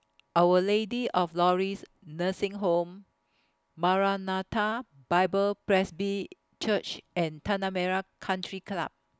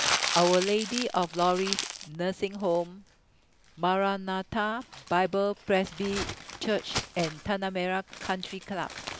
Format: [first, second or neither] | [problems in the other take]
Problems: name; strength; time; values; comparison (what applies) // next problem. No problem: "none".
first | background sound (Crumpling, crinkling); 7 dB below the speech